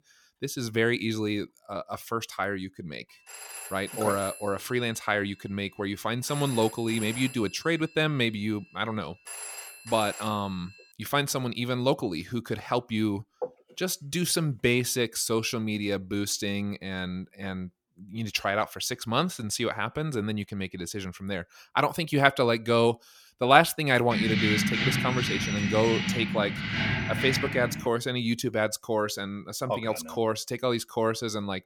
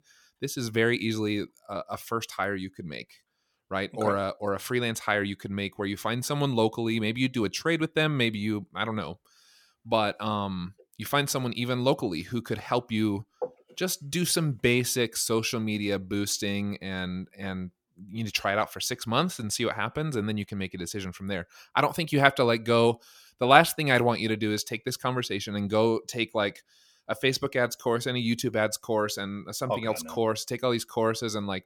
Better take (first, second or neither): second